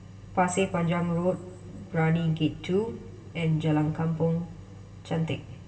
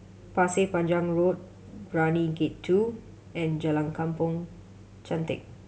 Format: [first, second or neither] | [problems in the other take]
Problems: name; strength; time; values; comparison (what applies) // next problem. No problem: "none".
second | room echo; dies away in 2.2 s